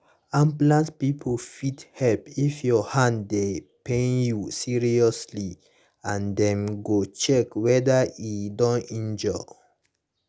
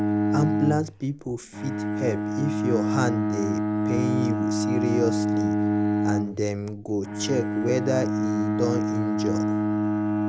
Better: first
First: none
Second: background sound (Bowed string instrument); 3 dB above the speech

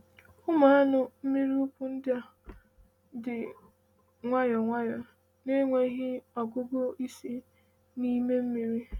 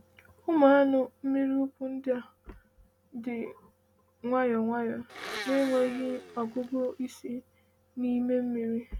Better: first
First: none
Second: background sound (Domestic sounds, home sounds); 13 dB below the speech

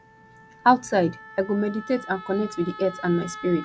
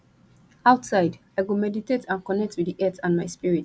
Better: second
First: background sound (Wind instrument, woodwind instrument); 16 dB below the speech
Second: none

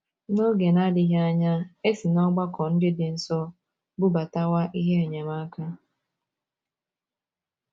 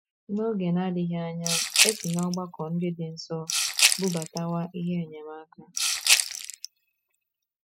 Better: first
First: none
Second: noise reduction (classical method spectral subtraction)

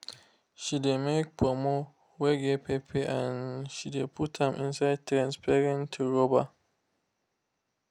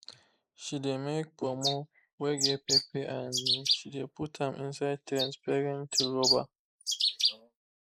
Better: first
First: none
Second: noise reduction (neural mask model Resemble Enhance denoiser)

